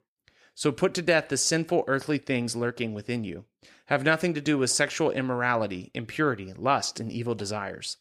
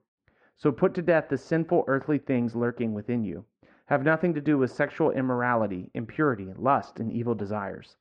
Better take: first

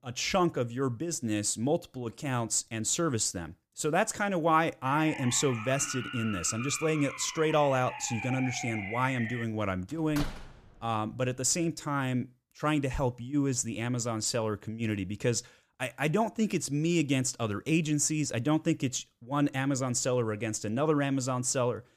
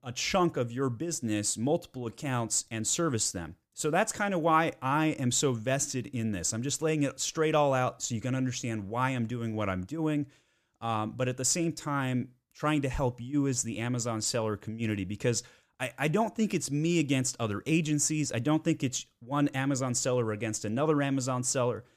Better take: second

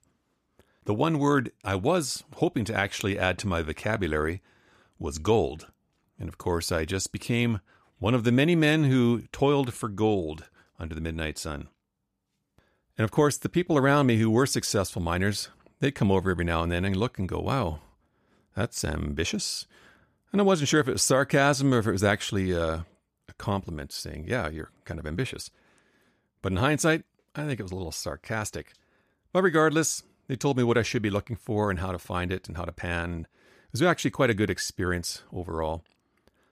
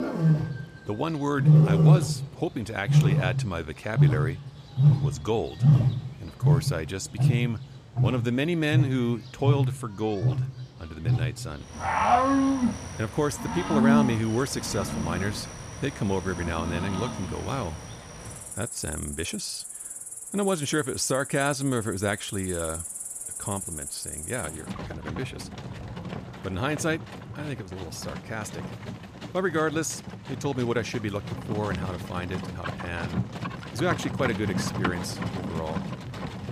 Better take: first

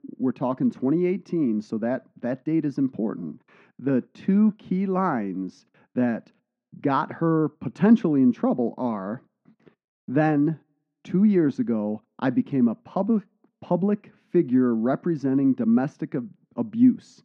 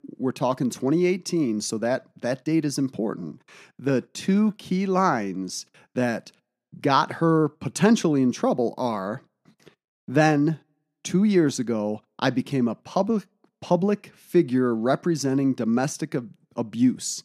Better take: second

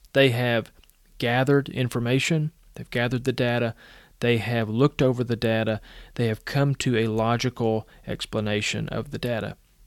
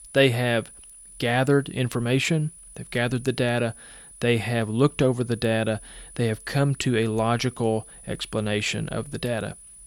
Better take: first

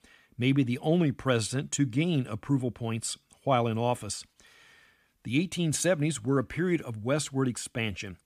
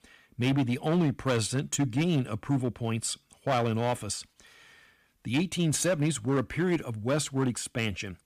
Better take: first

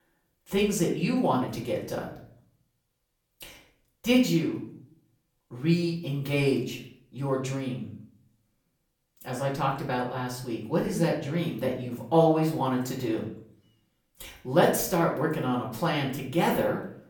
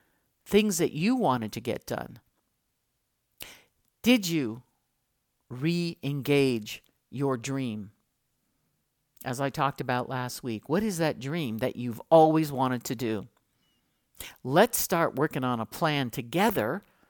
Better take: second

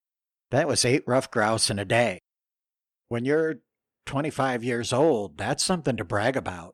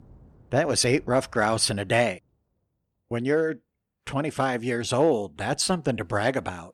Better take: first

